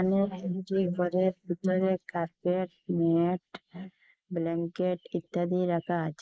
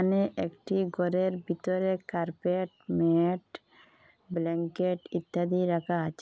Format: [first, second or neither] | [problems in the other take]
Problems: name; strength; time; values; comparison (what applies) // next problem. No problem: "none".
second | noise reduction (neural mask model Resemble Enhance denoiser)